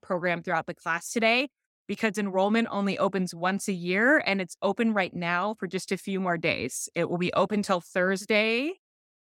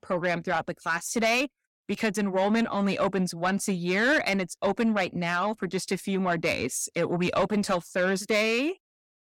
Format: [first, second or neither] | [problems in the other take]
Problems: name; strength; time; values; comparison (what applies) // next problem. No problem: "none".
first | distortion; slight; 10 dB below the speech